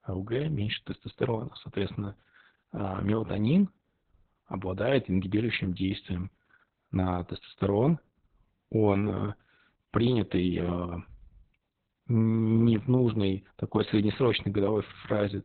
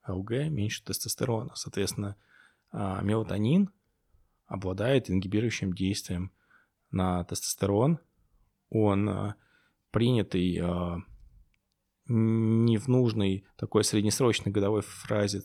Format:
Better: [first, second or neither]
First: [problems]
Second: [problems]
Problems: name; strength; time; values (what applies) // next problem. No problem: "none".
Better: second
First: garbled, watery; badly; nothing above 4 kHz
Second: none